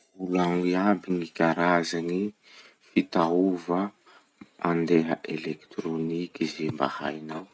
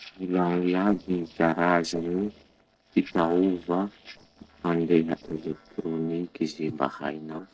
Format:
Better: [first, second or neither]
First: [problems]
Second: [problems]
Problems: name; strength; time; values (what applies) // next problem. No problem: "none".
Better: first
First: none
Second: noise reduction (neural separator model SepFormer DNS4)